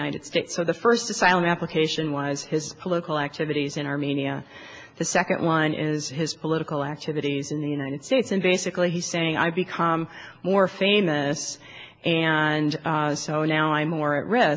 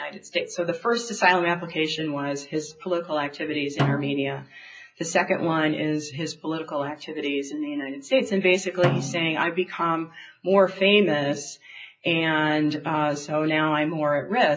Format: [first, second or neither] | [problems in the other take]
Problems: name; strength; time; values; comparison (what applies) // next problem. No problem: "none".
first | noise reduction (classical method WPE with log-MMSE)